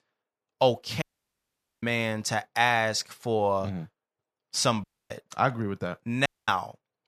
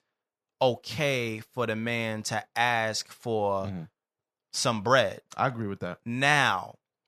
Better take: second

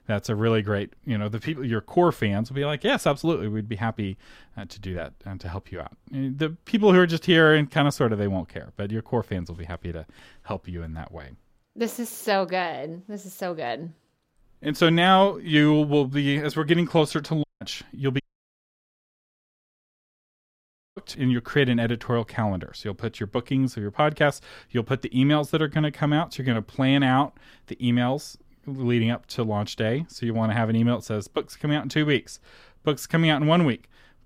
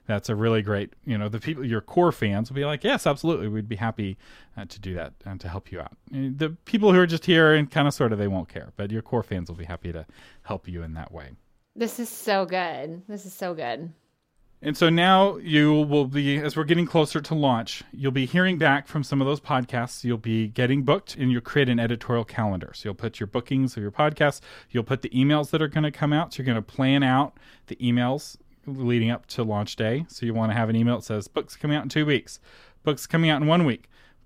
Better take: second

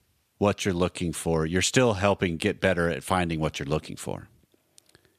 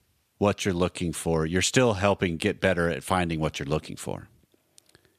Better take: neither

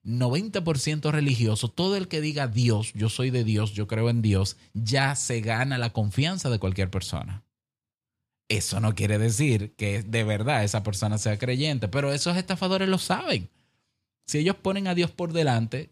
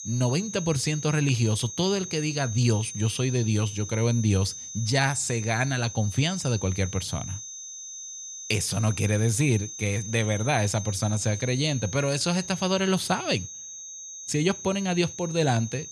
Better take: first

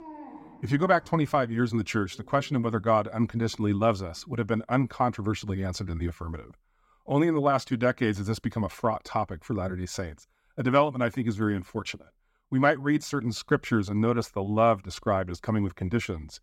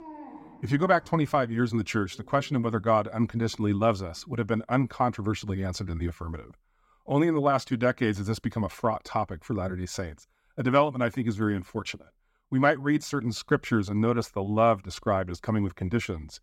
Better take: neither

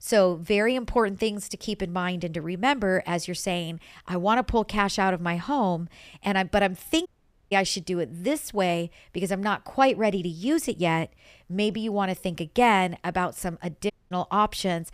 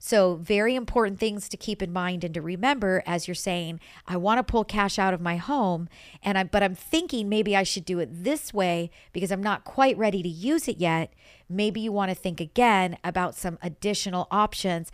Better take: second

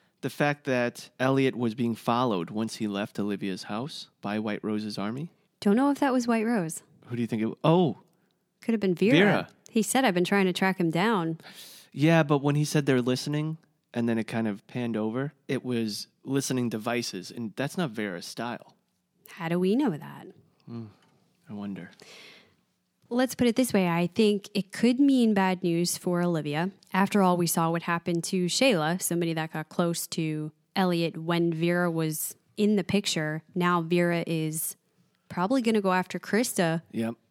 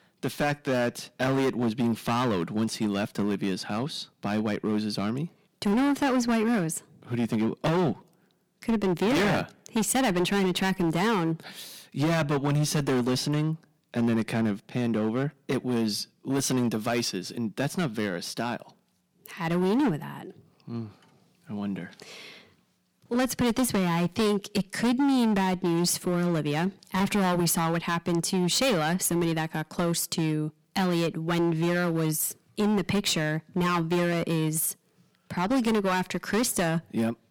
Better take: first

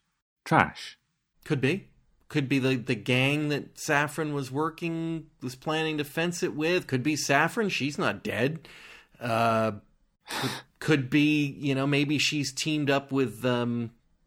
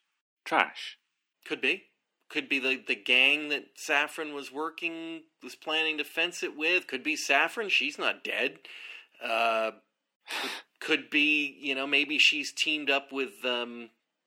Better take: first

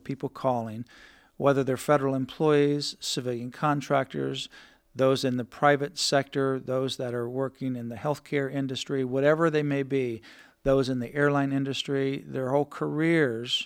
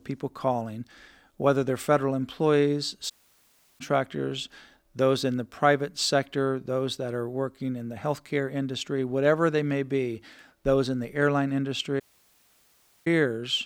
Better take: first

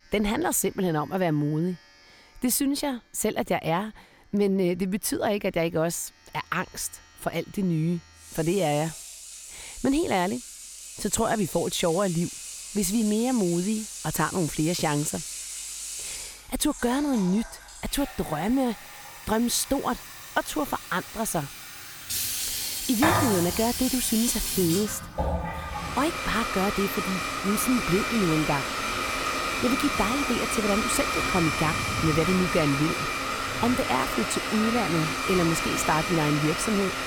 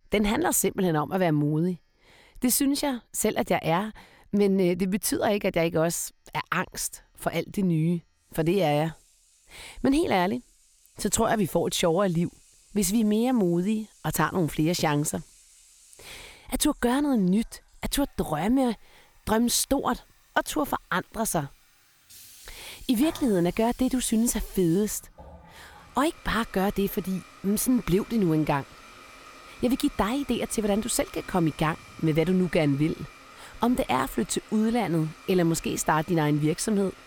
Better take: second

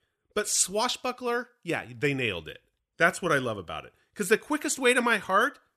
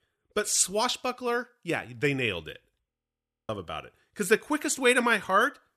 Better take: first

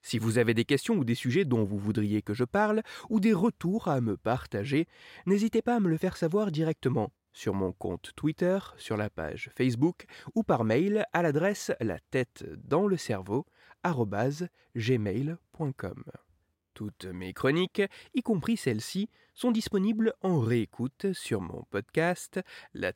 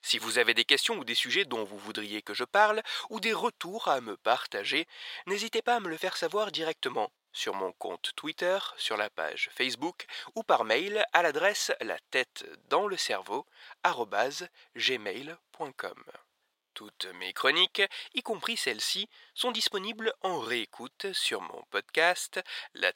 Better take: first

